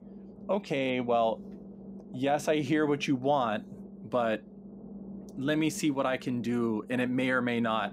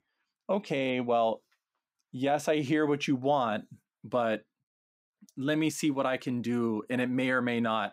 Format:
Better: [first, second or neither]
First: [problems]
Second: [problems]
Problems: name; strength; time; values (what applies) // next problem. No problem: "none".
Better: second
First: low rumble; faint; throughout; 20 dB below the speech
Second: none